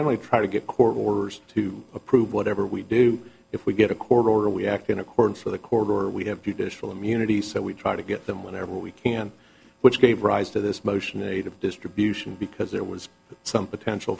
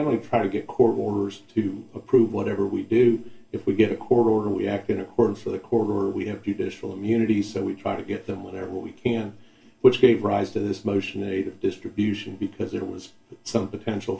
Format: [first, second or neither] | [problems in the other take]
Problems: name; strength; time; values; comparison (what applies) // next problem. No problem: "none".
first | room echo; dies away in 0.2 s